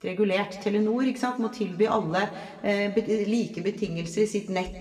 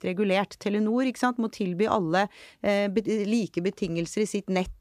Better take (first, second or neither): second